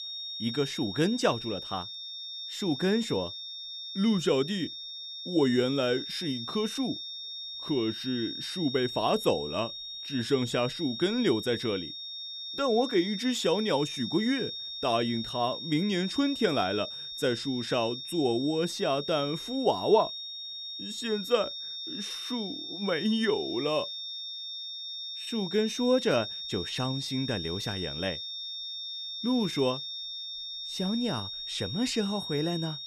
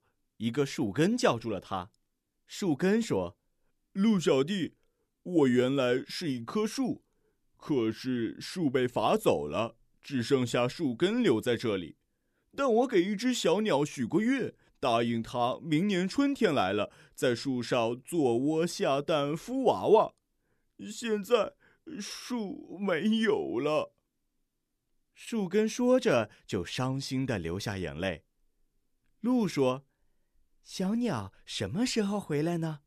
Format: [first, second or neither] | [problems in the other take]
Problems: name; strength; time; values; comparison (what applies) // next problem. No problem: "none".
second | high-pitched whine; loud; throughout; 3.5 kHz, 6 dB below the speech